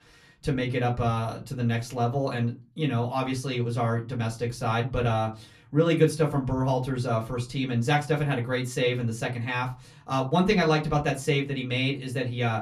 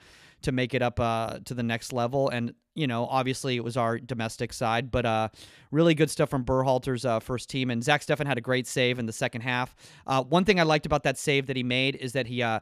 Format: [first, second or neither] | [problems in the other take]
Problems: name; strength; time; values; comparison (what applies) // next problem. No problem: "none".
second | off-mic speech; far // room echo; very slight; dies away in 0.3 s